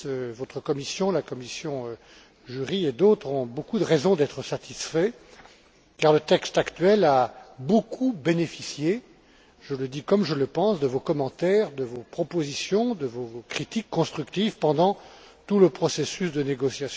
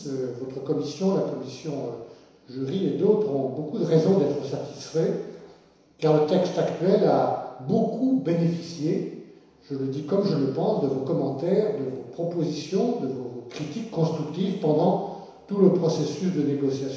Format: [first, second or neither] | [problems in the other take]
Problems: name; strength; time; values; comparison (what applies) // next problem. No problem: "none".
first | room echo; dies away in 1 s